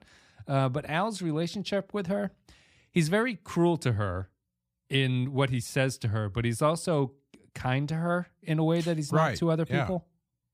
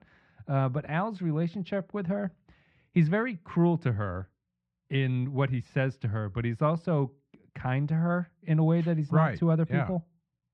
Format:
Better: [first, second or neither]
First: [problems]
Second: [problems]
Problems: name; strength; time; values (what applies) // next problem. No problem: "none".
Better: first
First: none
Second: muffled; very; fading above 2 kHz